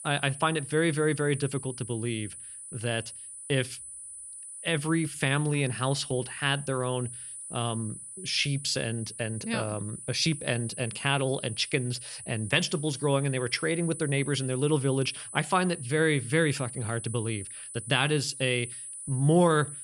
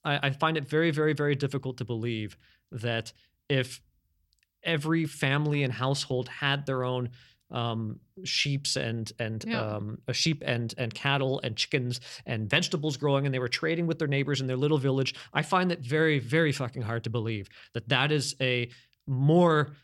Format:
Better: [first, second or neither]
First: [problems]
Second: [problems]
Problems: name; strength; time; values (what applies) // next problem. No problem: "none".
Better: second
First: high-pitched whine; noticeable; throughout; 9.5 kHz, 10 dB below the speech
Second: none